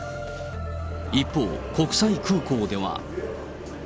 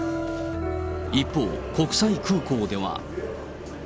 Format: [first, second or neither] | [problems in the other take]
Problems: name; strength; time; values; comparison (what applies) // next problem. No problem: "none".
first | background sound (Piano); 9 dB below the speech